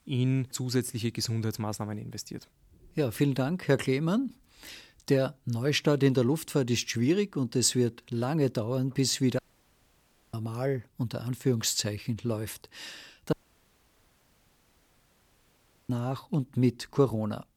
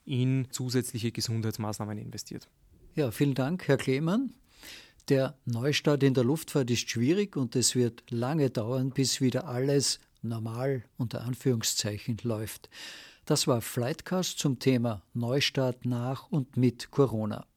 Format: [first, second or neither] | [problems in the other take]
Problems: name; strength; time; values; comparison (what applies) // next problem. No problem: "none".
second | audio cutting out; at 9.5 s for 1 s and at 13 s for 2.5 s